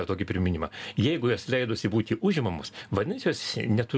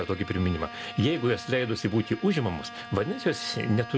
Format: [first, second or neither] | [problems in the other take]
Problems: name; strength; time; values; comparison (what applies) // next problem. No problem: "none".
first | background sound (Bowed string instrument); 15 dB below the speech